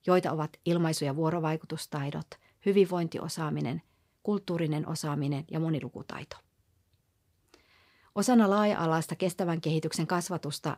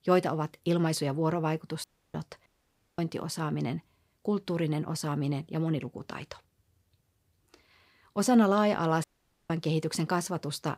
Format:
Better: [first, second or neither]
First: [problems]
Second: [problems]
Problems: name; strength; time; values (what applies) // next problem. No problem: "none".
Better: first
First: none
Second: audio cutting out; at 2 s, at 2.5 s for 0.5 s and at 9 s